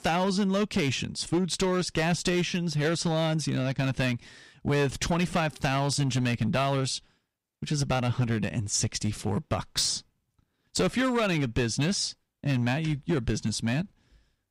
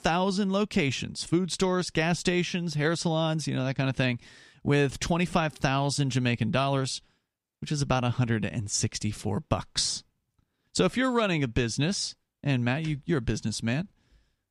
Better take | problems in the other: second | distortion; slight; 6% of the sound clipped

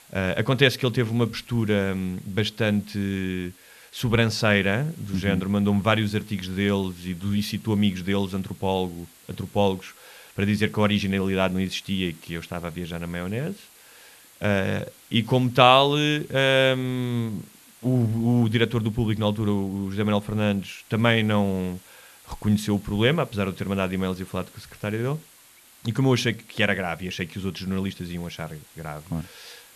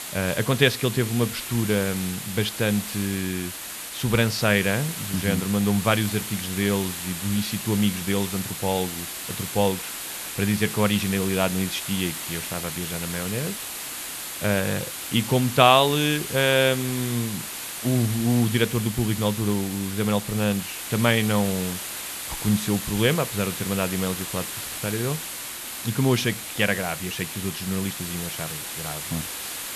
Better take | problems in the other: first | hiss; loud; throughout; 6 dB below the speech; faint in the first

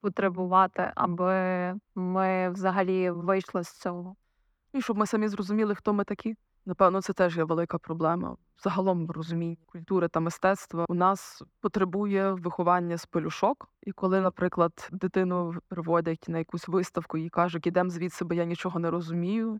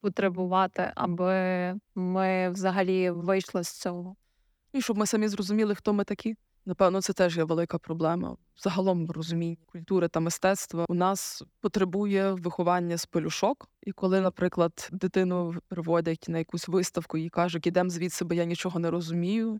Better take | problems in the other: second | muffled; slightly; fading above 3.5 kHz

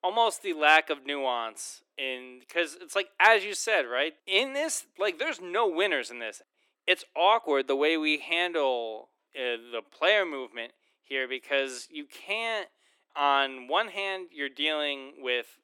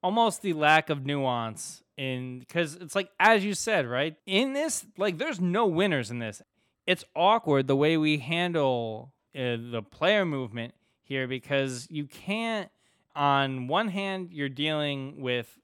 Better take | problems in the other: second | thin; somewhat; fading below 300 Hz

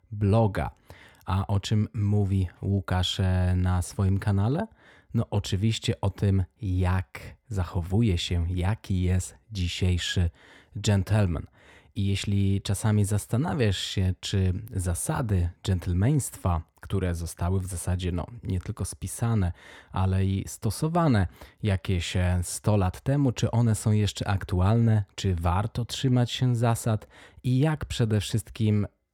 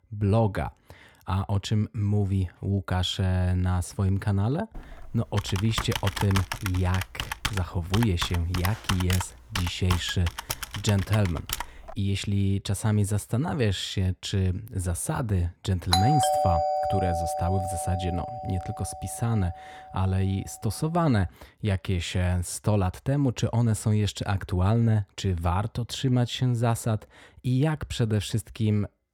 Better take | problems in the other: first | keyboard typing; noticeable; from 5 to 12 s; peak 3 dB below the speech // doorbell; loud; from 16 to 18 s; peak 4 dB above the speech

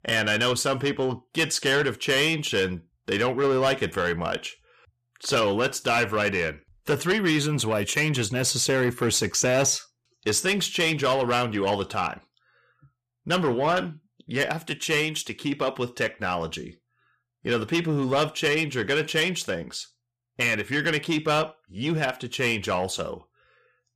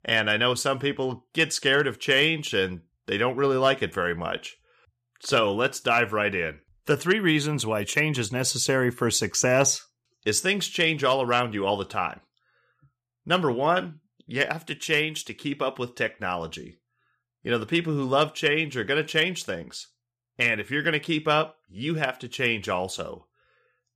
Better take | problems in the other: second | distortion; slight; 10 dB below the speech

